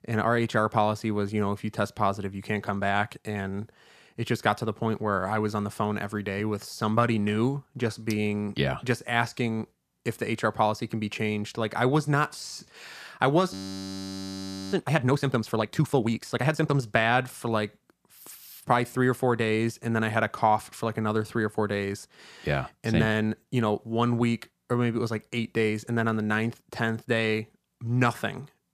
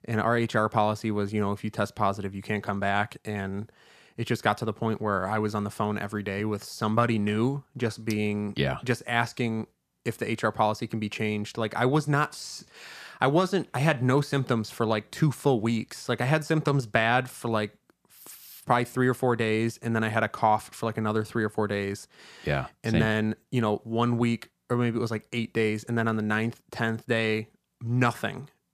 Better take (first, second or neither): second